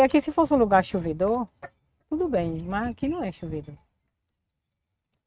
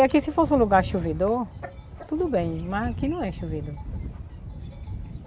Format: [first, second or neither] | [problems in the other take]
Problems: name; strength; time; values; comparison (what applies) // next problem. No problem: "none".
second | noise reduction (neural mask model RNNoise)